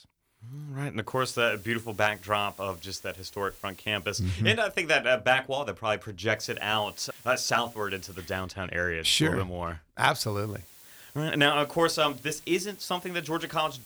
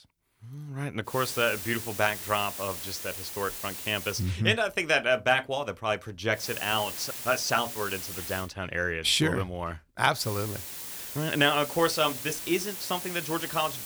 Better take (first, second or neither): first